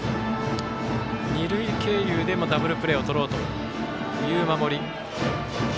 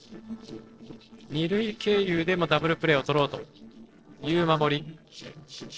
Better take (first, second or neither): first